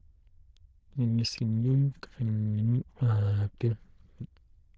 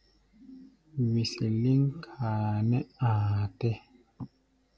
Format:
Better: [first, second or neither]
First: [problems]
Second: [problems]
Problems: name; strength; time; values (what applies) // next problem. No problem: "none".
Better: second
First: noise reduction (neural diffusion model UNIVERSE++)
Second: none